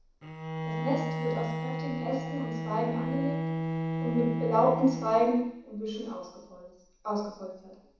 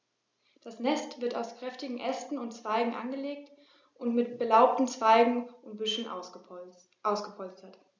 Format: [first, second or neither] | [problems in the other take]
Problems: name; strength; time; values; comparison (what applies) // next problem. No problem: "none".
second | background sound (Bowed string instrument); 4 dB below the speech // room echo; dies away in 0.7 s